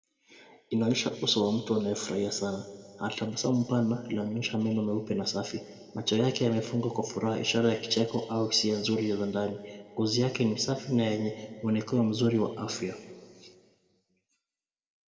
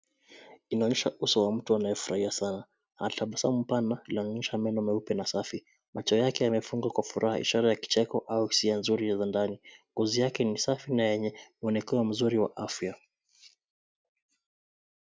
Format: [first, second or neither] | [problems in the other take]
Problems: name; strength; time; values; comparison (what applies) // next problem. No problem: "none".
second | room echo; dies away in 1.8 s